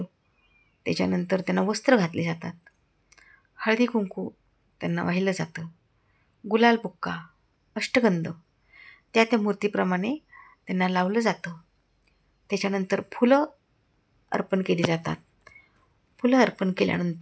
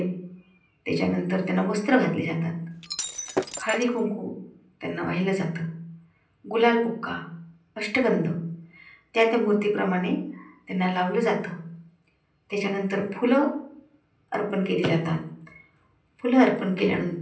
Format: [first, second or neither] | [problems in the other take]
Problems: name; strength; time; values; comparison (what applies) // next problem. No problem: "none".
first | background sound (Shatter); 6 dB below the speech // room echo; dies away in 0.6 s